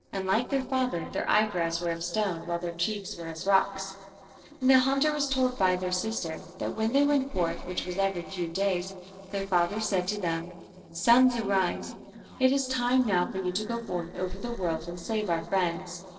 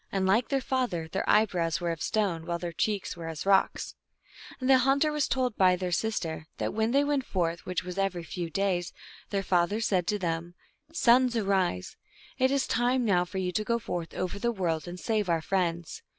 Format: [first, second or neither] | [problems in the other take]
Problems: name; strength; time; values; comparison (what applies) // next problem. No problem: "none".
second | noise reduction (neural separator model SepFormer DNS4)